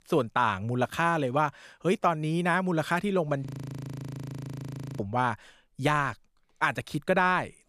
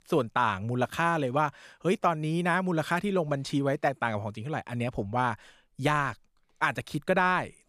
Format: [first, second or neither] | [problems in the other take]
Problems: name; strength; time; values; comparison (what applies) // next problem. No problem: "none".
second | audio freezing; at 3.5 s for 1.5 s